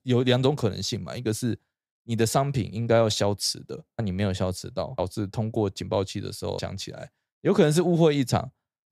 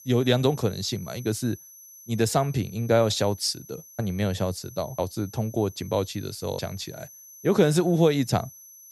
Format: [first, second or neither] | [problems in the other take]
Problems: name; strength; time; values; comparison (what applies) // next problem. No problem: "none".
first | high-pitched whine; noticeable; throughout; 6 kHz, 20 dB below the speech